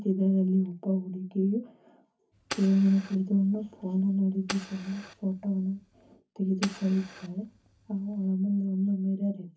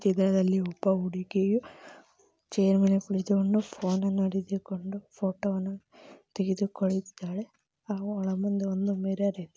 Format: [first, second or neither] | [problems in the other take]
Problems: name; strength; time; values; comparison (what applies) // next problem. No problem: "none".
second | background sound (Fire); 17 dB below the speech // room echo; dies away in 0.3 s